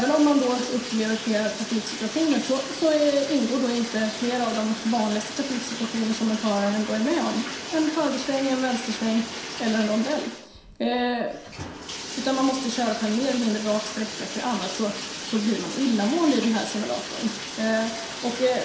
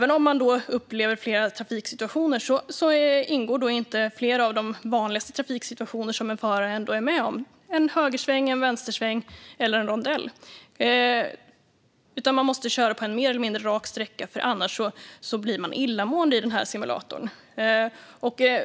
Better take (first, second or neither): second